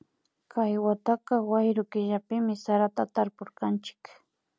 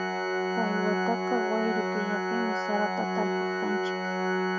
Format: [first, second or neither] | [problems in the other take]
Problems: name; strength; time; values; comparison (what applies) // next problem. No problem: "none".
first | background sound (Organ); 5 dB above the speech